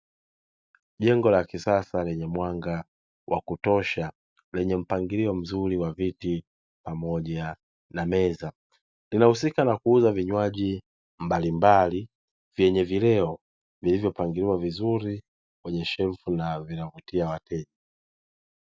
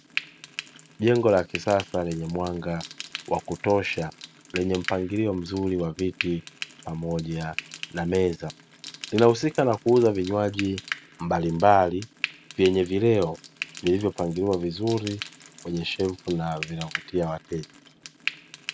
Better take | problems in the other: first | background sound (Frying (food)); 14 dB below the speech

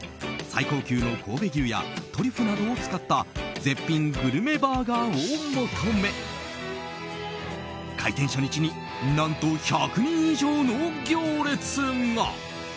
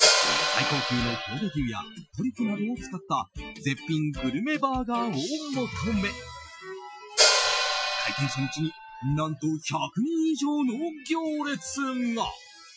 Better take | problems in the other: first | noise reduction (classical method Wiener filter)

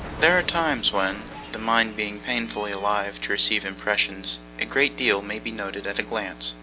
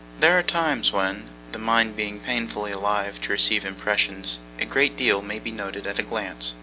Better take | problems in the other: second | background sound (Cat); 17 dB below the speech

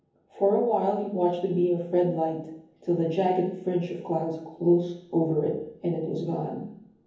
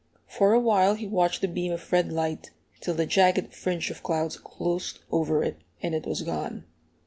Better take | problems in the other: second | room echo; dies away in 0.7 s

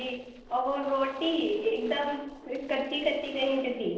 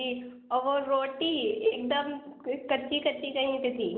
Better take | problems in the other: second | noise reduction (neural separator model SepFormer DNS4)

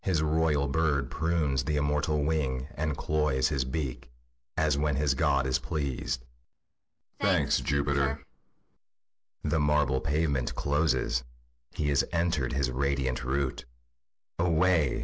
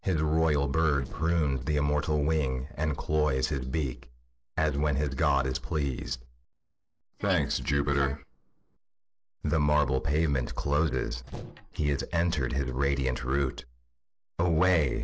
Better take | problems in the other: first | noise reduction (neural separator model SepFormer DNS4)

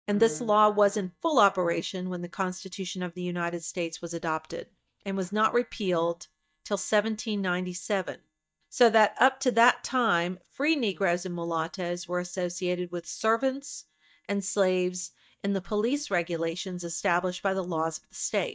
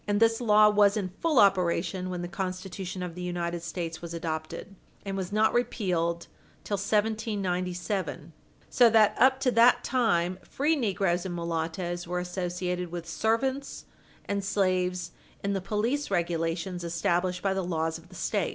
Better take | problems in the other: second | noise reduction (neural mask model DeepFilterNet 3)

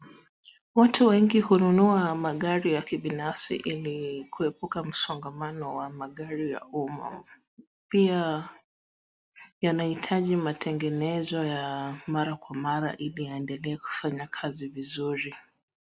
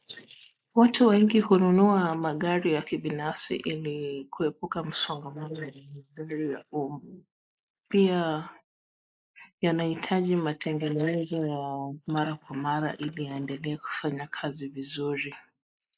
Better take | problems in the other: first | noise reduction (neural mask model Resemble Enhance denoiser)

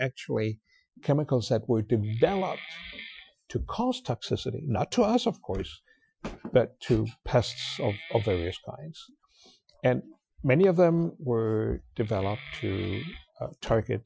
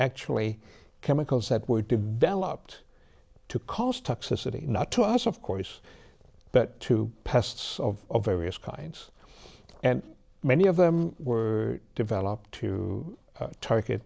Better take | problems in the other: second | noise reduction (classical method Wiener filter)

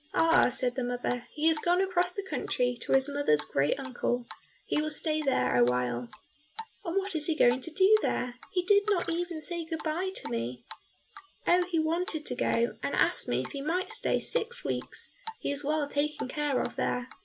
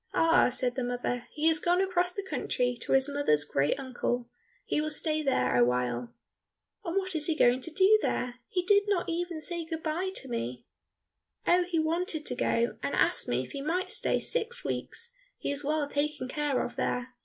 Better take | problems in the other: second | background sound (Drip); 18 dB below the speech

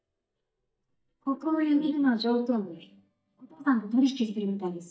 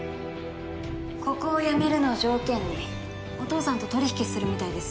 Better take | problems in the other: second | noise reduction (neural mask model DeepFilterNet 3)

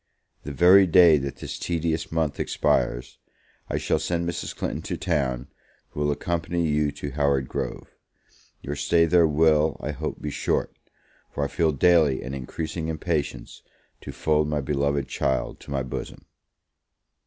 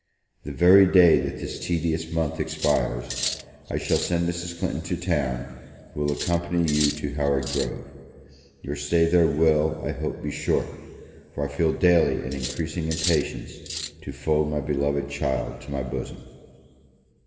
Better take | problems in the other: first | background sound (Cutlery, silverware); 9 dB below the speech // room echo; dies away in 2.7 s

